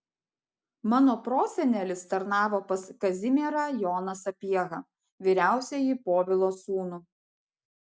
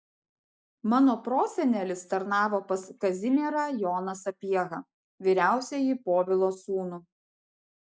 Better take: first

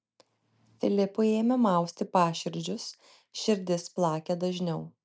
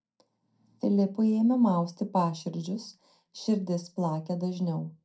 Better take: first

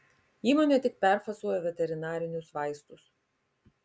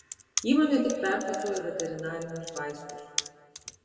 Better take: first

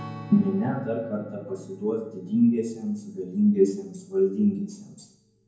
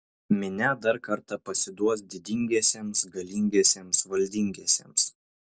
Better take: second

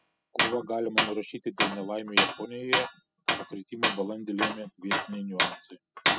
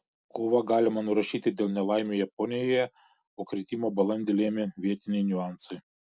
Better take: second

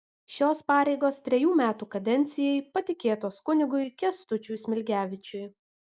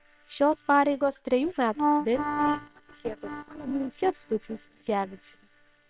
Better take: first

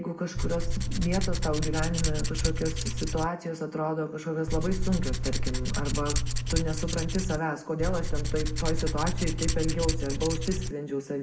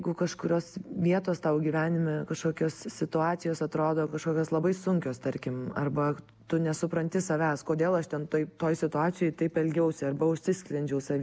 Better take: second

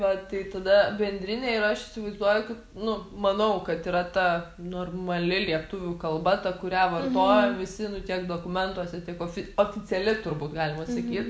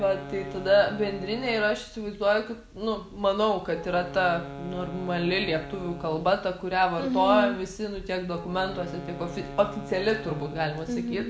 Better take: first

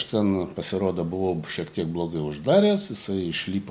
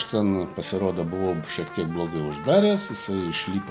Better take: first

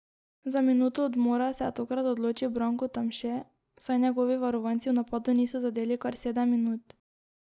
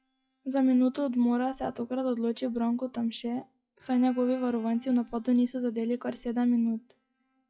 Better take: first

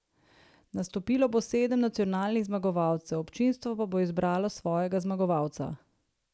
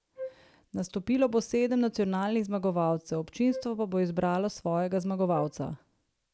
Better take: first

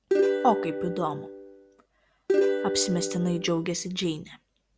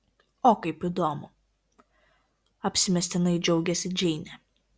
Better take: second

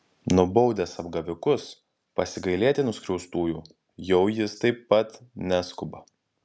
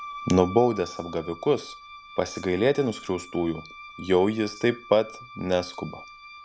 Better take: first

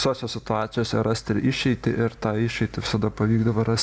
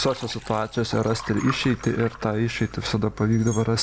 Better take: first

